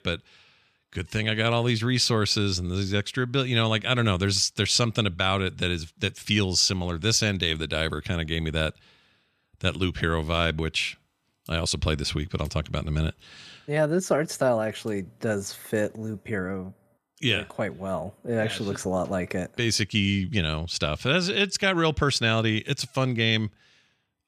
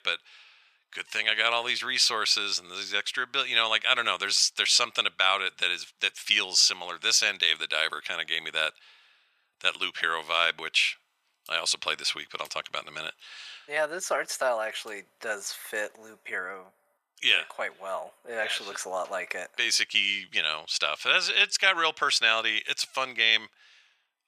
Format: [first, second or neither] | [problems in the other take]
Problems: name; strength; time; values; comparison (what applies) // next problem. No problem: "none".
first | thin; very; fading below 900 Hz